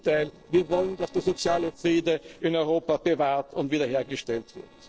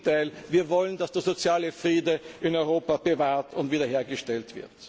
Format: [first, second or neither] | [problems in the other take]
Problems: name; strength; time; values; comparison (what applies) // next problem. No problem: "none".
second | noise reduction (neural separator model SepFormer DNS4)